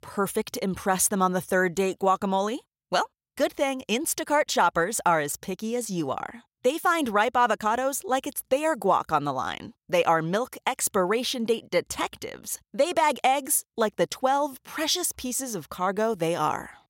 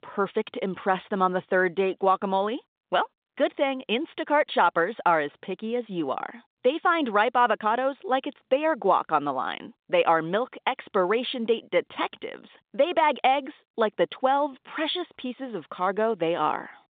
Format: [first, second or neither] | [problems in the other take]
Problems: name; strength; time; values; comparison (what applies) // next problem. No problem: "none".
first | phone-call audio; nothing above 3.5 kHz